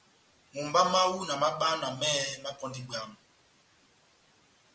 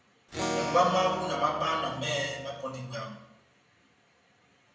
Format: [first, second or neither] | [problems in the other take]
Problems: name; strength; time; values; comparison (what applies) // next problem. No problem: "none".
first | background sound (Acoustic guitar / Strum); 5 dB below the speech // room echo; dies away in 0.8 s